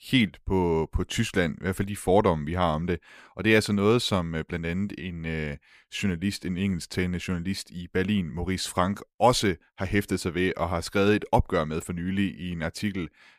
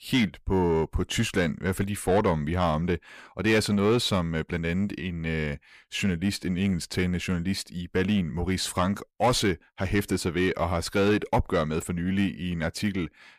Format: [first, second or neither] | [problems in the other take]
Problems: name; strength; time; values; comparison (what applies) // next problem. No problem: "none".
first | distortion; slight; 10 dB below the speech